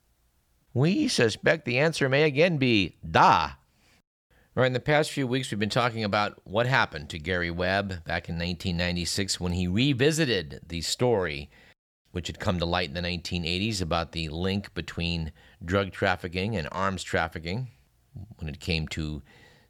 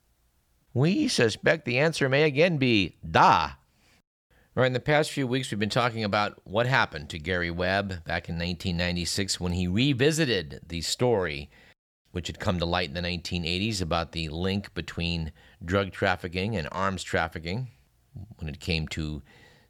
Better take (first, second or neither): neither